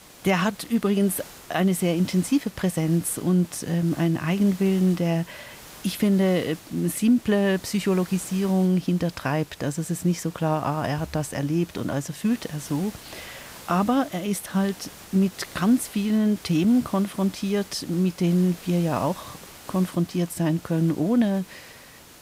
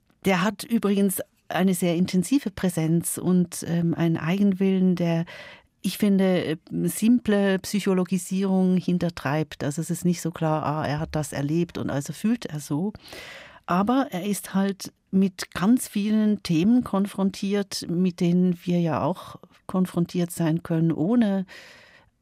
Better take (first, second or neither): second